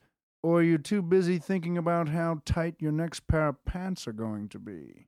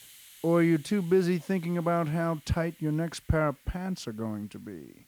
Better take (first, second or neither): first